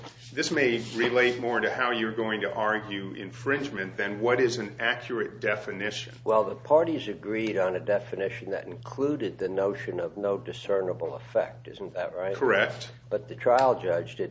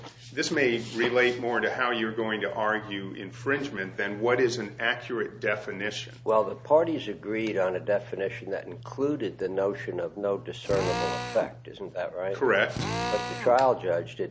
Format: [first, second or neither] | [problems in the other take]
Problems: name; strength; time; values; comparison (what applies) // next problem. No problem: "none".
first | background sound (Drill); 6 dB below the speech